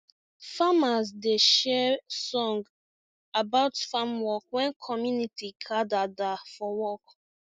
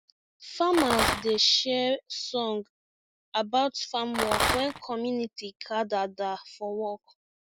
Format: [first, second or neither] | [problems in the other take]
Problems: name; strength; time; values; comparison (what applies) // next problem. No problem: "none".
first | background sound (Rattle); 1 dB above the speech